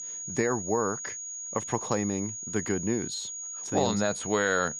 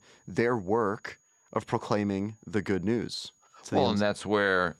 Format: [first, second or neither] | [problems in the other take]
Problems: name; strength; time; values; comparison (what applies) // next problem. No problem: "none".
second | high-pitched whine; loud; throughout; 6.5 kHz, 5 dB below the speech; faint in the second